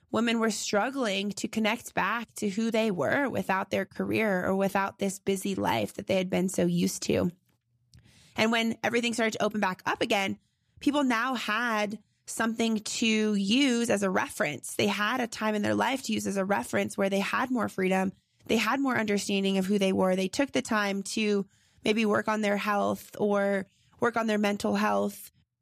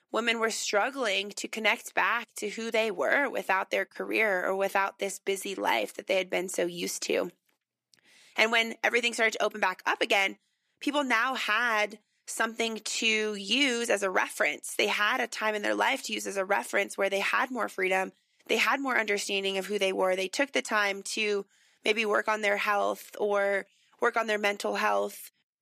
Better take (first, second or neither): first